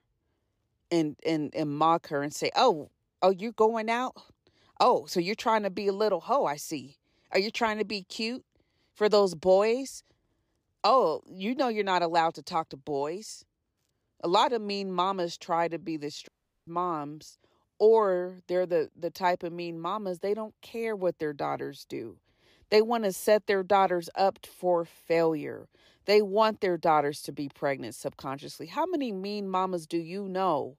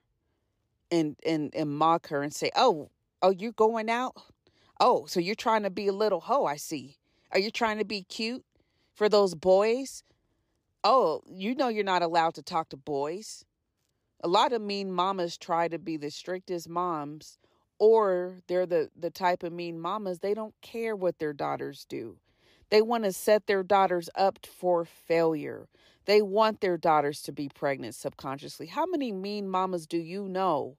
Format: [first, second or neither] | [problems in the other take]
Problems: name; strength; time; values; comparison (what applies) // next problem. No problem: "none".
second | audio cutting out; at 16 s